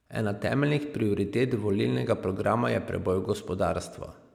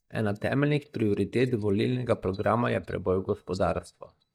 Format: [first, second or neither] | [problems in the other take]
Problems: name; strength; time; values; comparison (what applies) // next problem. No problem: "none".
first | noise reduction (neural mask model DeepFilterNet 3)